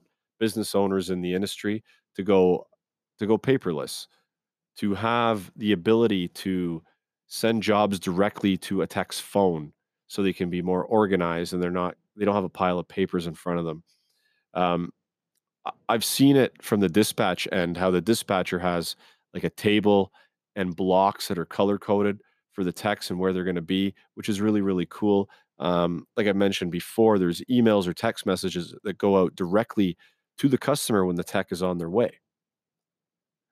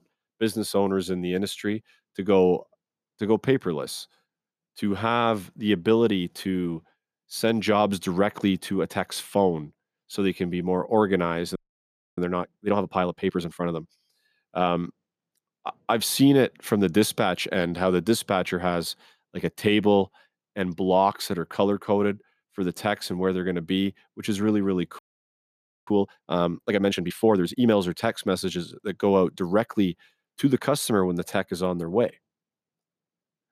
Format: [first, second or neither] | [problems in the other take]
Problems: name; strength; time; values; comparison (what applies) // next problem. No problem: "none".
first | audio freezing; at 12 s for 0.5 s and at 25 s for 1 s